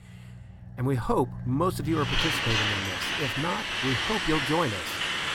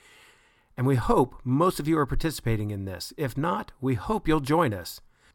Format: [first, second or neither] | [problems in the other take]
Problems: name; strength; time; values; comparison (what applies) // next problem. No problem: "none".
second | traffic noise; very loud; throughout; 2 dB above the speech